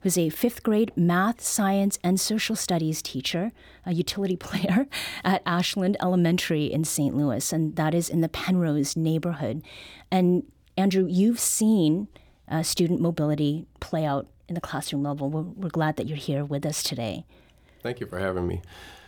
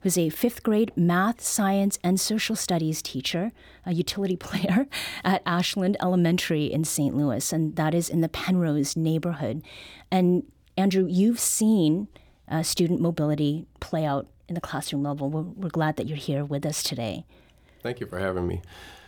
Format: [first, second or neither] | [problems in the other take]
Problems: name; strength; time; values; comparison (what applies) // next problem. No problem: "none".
neither | none